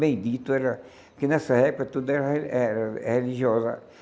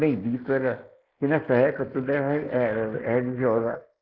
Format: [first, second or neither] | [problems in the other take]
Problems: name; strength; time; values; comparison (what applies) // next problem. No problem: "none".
first | noise reduction (neural mask model Resemble Enhance denoiser)